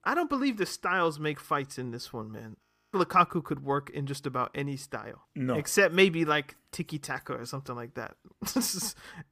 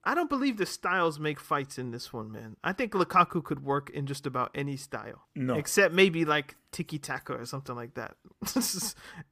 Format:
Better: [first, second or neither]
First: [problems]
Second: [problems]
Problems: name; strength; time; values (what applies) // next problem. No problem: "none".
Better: second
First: audio freezing; at 2.5 s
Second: none